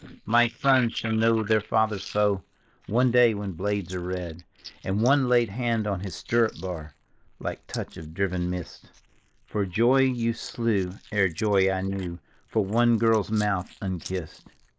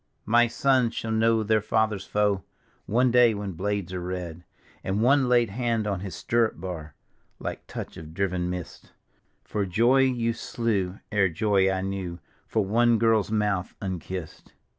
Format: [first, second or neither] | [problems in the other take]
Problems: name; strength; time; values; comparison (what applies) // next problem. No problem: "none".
second | noise reduction (neural mask model Resemble Enhance denoiser)